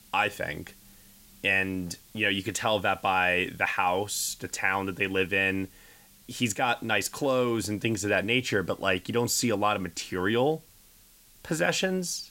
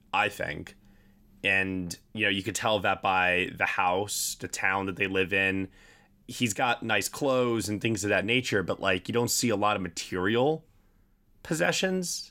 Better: second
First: hiss; faint; throughout; 25 dB below the speech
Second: none

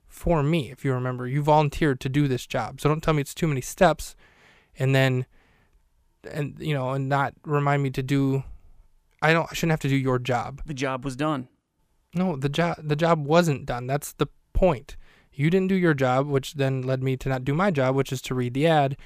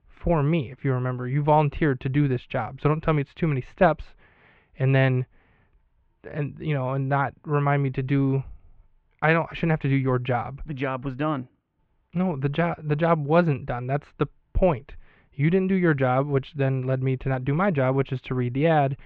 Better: first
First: none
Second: muffled; very; fading above 3 kHz

